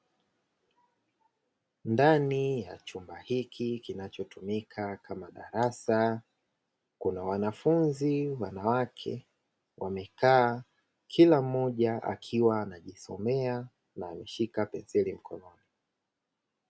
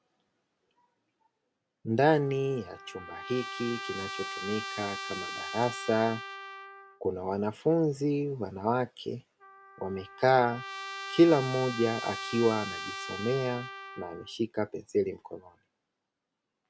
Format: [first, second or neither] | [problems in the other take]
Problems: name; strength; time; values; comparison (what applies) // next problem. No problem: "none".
first | background sound (Trumpet); 11 dB below the speech